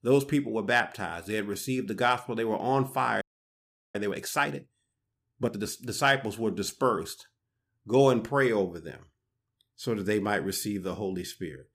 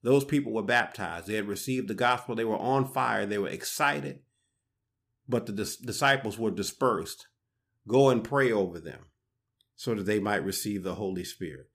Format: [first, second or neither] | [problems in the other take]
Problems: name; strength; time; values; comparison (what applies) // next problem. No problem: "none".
second | audio freezing; at 3 s for 0.5 s